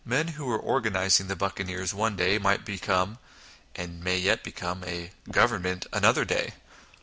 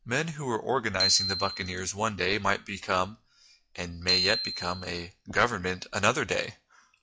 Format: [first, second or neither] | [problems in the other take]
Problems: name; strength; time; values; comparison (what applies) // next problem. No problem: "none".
first | noise reduction (classical method log-MMSE)